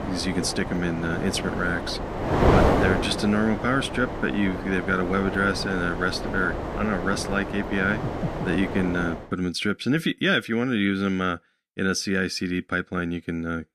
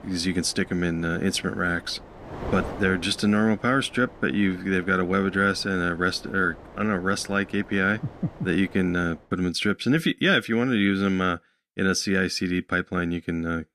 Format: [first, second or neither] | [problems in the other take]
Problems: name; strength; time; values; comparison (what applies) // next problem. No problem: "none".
second | wind noise on the microphone; heavy; until 9 s; 3 dB below the speech; occasional gusts in the second